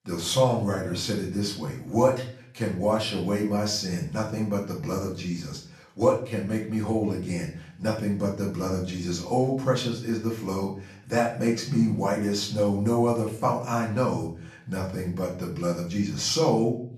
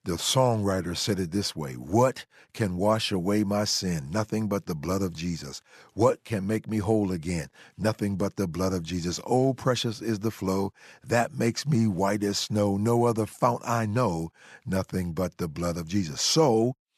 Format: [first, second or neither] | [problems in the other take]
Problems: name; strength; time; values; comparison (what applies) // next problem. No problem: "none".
second | room echo; slight; dies away in 0.5 s // off-mic speech; far